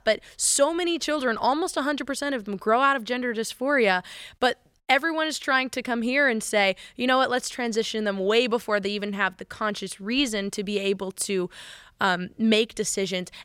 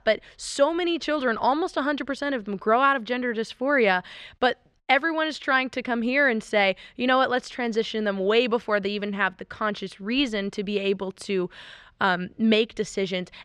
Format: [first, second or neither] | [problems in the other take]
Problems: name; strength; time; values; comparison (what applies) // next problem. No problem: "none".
first | muffled; slightly; fading above 3.5 kHz